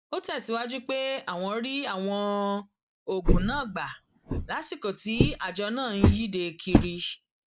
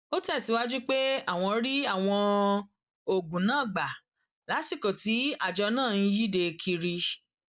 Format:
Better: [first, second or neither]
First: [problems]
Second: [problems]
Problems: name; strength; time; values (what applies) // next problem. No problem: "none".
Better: second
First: background sound (Walk, footsteps); 4 dB above the speech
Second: none